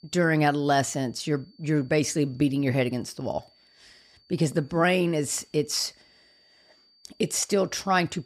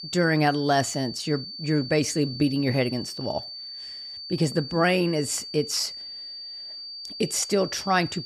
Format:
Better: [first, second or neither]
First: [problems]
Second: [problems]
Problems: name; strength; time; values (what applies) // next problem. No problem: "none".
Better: first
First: high-pitched whine; faint; throughout; 4.5 kHz, 30 dB below the speech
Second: high-pitched whine; loud; throughout; 4.5 kHz, 10 dB below the speech